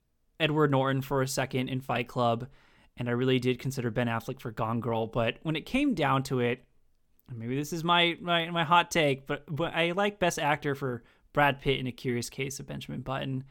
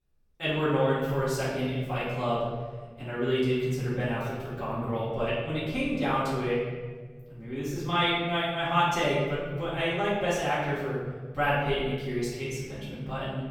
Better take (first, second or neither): first